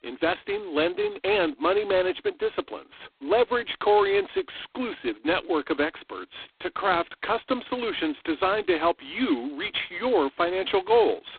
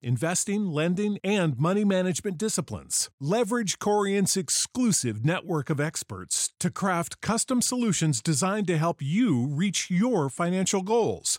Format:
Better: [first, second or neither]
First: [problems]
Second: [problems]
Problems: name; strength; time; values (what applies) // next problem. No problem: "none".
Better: second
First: phone-call audio; poor line; nothing above 4 kHz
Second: none